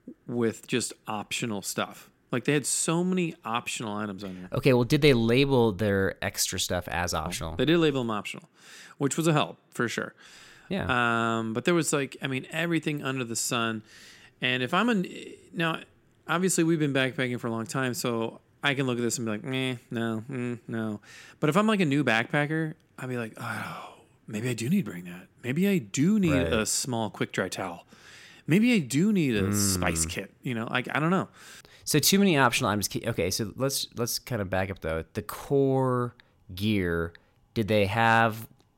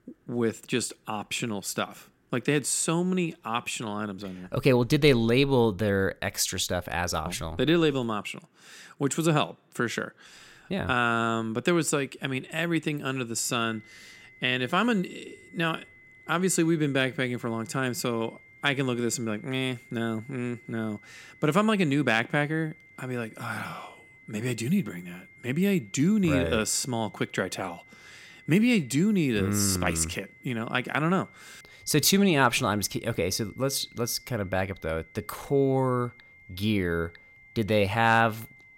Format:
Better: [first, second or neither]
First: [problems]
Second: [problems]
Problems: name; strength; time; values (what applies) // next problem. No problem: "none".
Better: first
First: none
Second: high-pitched whine; faint; from 14 s on; 2 kHz, 25 dB below the speech